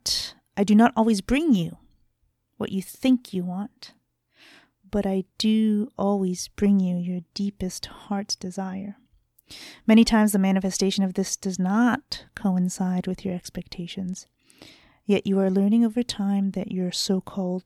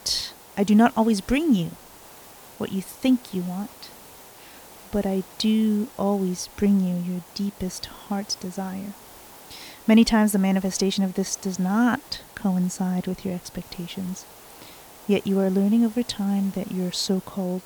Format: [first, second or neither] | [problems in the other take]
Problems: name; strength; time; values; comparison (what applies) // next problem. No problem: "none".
first | hiss; faint; throughout; 20 dB below the speech